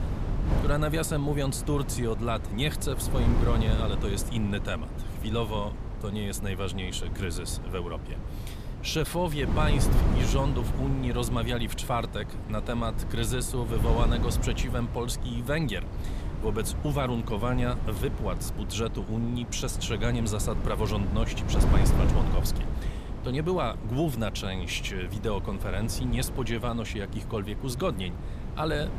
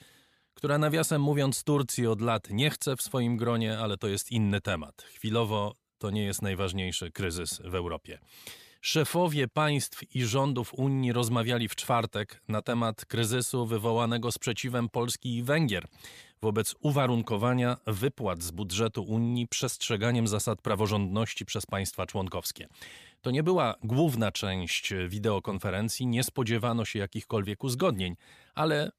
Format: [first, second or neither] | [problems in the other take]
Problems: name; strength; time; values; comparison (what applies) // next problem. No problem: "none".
second | wind noise on the microphone; heavy; 8 dB below the speech